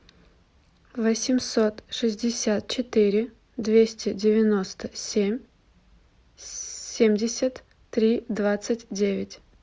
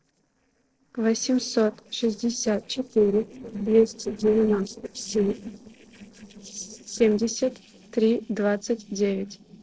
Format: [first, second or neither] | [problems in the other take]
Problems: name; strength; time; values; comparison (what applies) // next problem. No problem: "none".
first | noise reduction (neural separator model SepFormer DNS4)